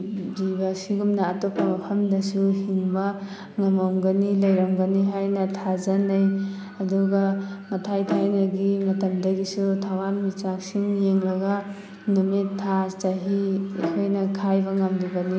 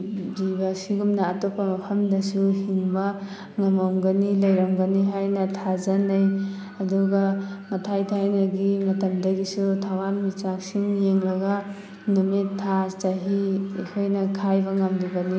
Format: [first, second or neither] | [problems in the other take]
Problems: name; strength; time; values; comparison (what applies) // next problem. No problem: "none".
second | background sound (Bowed string instrument); 11 dB below the speech